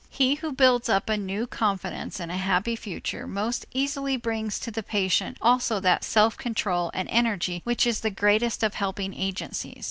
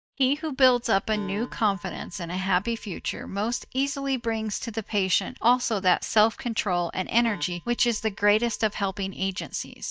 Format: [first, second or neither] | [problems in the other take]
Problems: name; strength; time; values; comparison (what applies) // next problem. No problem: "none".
first | noise reduction (neural mask model DeepFilterNet 3)